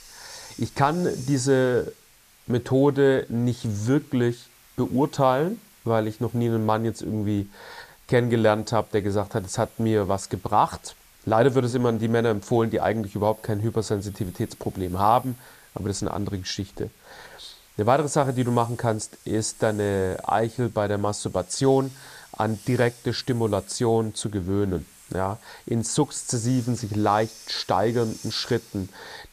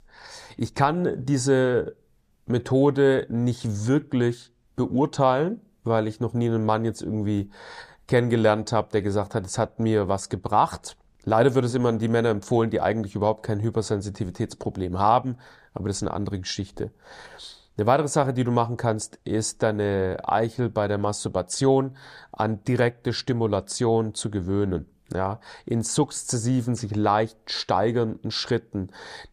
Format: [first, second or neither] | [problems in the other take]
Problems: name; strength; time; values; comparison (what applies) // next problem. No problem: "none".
second | hiss; faint; throughout; 25 dB below the speech